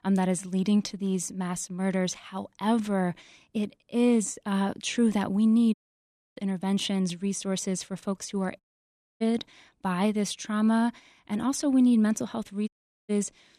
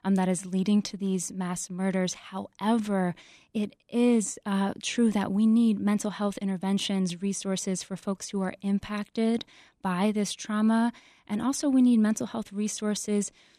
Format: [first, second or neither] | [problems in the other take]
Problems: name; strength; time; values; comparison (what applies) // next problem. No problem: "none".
second | audio cutting out; at 5.5 s for 0.5 s, at 8.5 s for 0.5 s and at 13 s